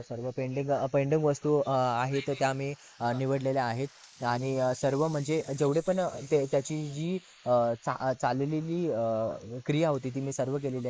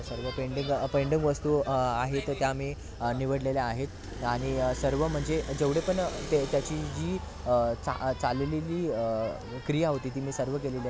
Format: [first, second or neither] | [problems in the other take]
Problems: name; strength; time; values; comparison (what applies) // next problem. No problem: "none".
second | noise reduction (neural mask model Resemble Enhance denoiser)